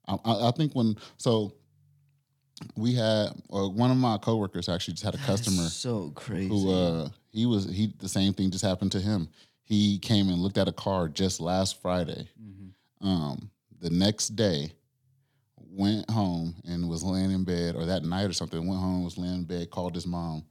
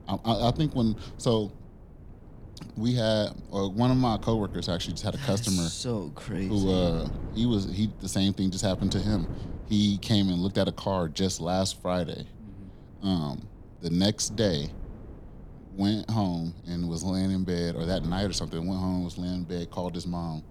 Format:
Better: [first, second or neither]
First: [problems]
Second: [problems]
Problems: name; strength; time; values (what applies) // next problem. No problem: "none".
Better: first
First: none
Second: wind noise on the microphone; occasional gusts; 20 dB below the speech